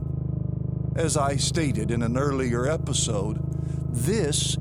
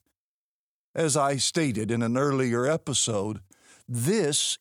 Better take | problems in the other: second | low rumble; noticeable; throughout; 10 dB below the speech

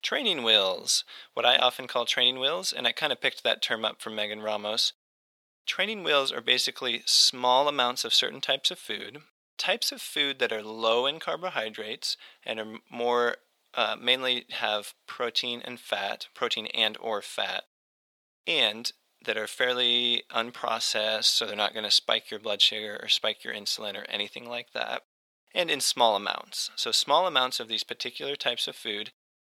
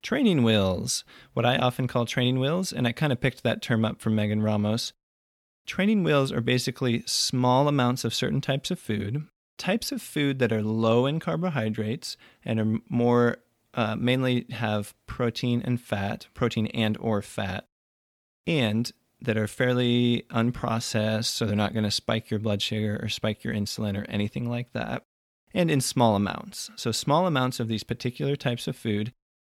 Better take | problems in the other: second | thin; very; fading below 650 Hz

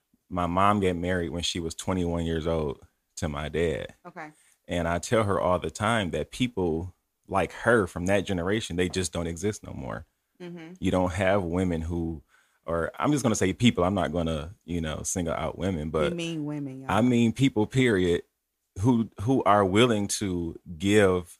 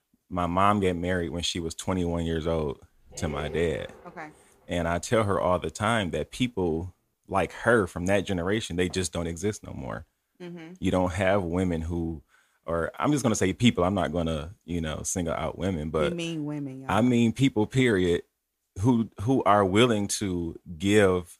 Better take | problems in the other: first | dog barking; faint; from 3 to 5 s; peak 10 dB below the speech

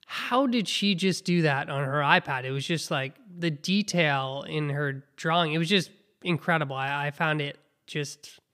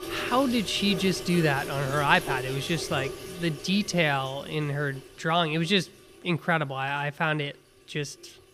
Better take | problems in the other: first | household noises; noticeable; throughout; 10 dB below the speech

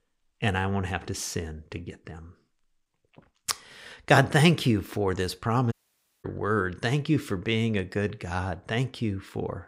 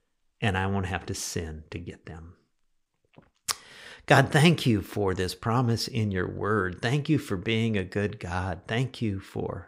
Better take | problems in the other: second | audio cutting out; at 5.5 s for 0.5 s

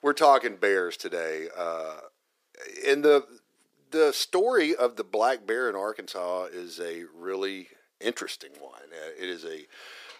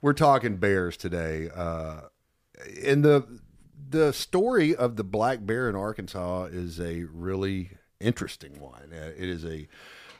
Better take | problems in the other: second | thin; somewhat; fading below 350 Hz

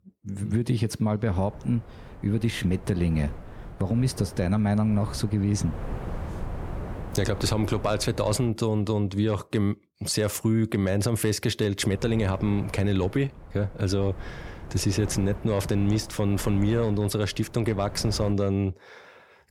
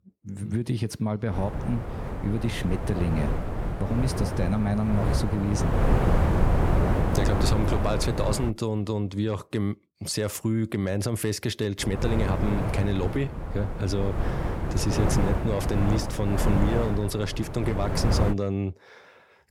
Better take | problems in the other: first | wind noise on the microphone; heavy; from 1.5 to 8.5 s and from 12 to 18 s; as loud as the speech; occasional gusts in the first

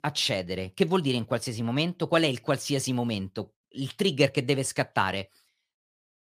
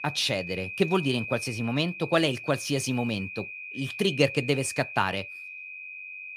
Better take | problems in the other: first | high-pitched whine; loud; throughout; 2.5 kHz, 9 dB below the speech

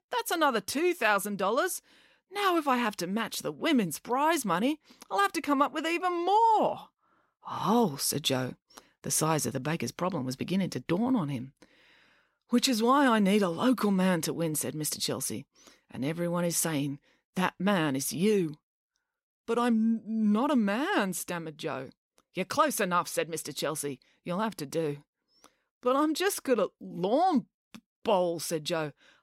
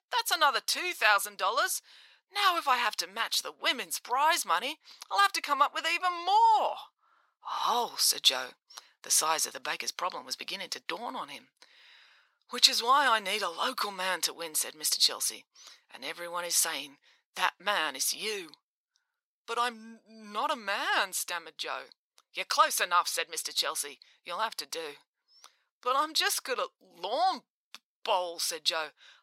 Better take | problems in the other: first | thin; very; fading below 950 Hz

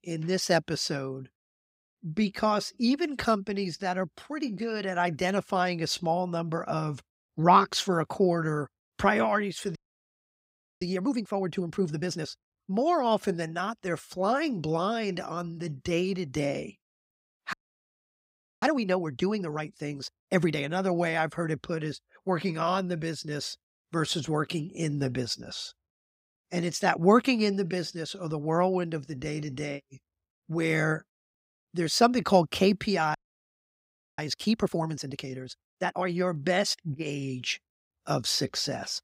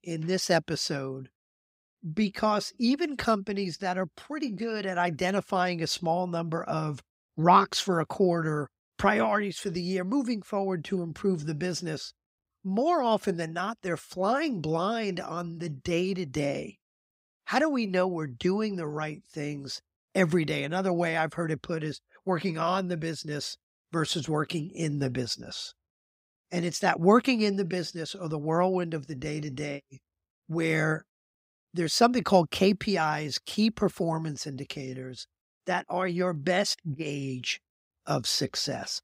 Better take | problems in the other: second | audio freezing; at 10 s for 1 s, at 18 s for 1 s and at 33 s for 1 s

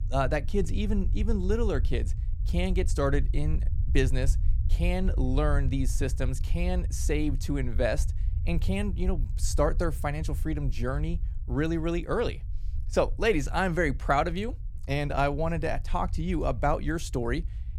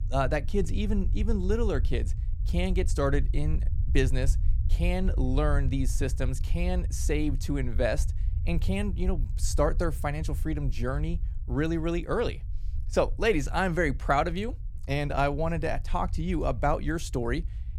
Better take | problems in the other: neither | low rumble; faint; throughout; 20 dB below the speech; the same in both

